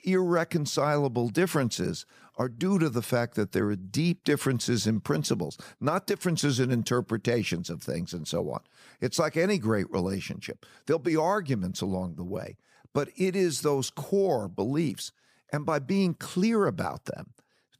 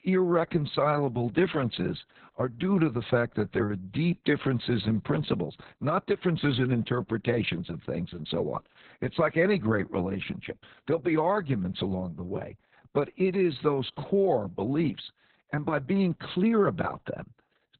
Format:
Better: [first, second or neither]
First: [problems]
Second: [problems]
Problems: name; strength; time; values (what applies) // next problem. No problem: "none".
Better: first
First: none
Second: garbled, watery; badly; nothing above 4 kHz